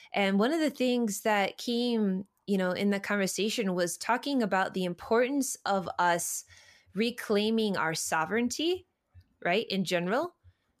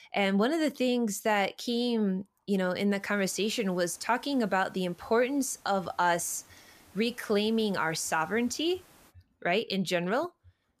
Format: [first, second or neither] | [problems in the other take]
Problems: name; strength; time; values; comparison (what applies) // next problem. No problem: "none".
first | hiss; faint; from 3 to 9 s; 30 dB below the speech